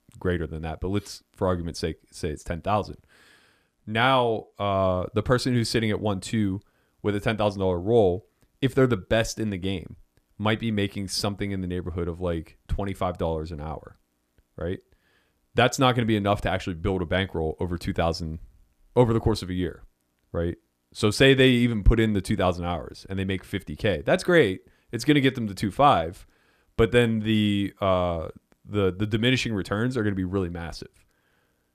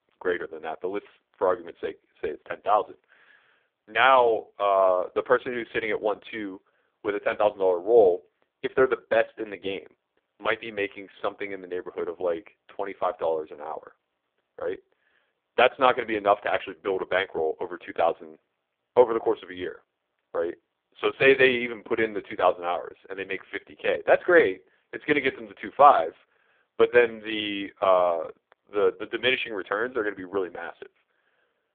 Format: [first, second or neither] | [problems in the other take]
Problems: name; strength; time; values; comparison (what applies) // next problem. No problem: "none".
first | phone-call audio; poor line; nothing above 3.5 kHz